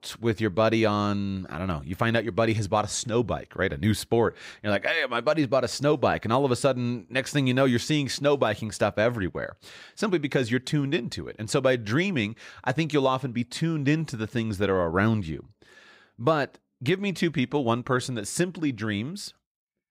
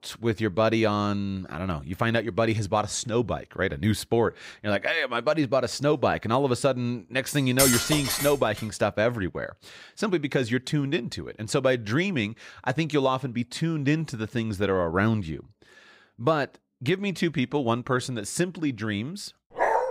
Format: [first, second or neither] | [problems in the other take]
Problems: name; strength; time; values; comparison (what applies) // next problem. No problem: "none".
first | clattering dishes; loud; from 7.5 to 8.5 s; peak 5 dB above the speech // dog barking; loud; at 19 s; peak 1 dB above the speech